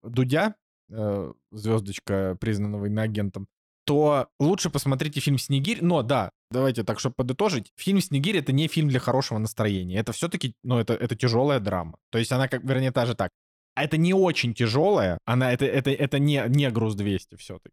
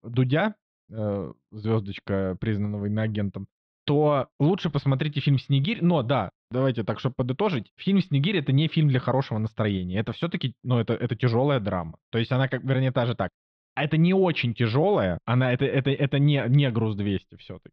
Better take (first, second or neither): first